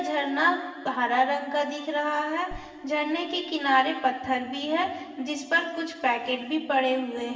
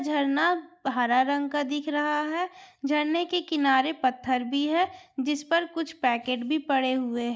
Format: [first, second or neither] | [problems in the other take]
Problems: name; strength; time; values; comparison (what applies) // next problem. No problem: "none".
second | background sound (Bass drum); 19 dB below the speech // room echo; dies away in 2.3 s